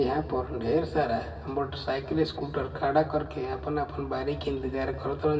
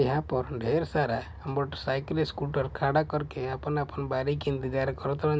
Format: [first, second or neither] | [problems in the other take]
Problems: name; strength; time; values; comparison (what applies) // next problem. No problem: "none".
second | room echo; dies away in 2.1 s